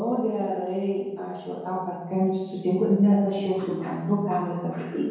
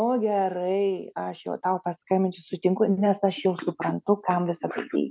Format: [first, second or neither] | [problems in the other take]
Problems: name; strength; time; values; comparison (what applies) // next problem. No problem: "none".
second | room echo; dies away in 1 s